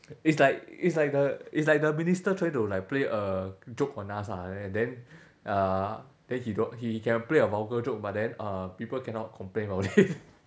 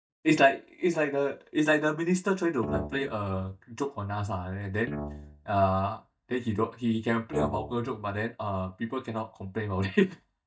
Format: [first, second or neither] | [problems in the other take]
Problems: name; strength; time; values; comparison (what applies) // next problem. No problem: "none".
first | noise reduction (neural mask model DeepFilterNet 3)